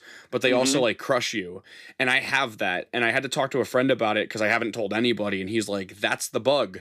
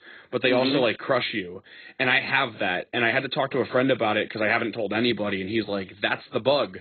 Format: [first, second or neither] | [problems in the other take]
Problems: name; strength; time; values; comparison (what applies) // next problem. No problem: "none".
first | garbled, watery; badly; nothing above 4 kHz